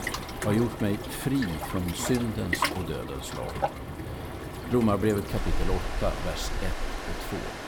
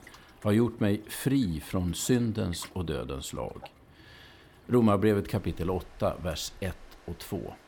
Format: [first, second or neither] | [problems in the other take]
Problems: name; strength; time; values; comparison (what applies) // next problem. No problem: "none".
second | rain or running water; loud; throughout; 4 dB below the speech; faint in the second